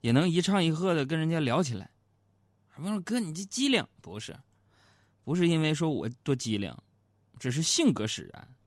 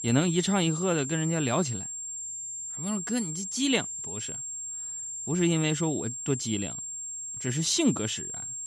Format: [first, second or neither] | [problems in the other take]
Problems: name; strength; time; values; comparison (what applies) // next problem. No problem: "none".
first | high-pitched whine; loud; throughout; 7.5 kHz, 5 dB below the speech